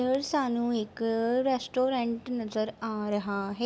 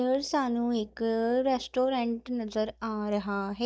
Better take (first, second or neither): first